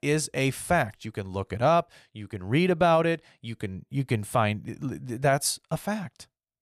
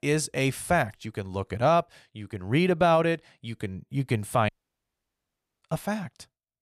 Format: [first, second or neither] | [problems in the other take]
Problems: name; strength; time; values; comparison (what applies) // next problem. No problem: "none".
first | audio cutting out; at 4.5 s for 1 s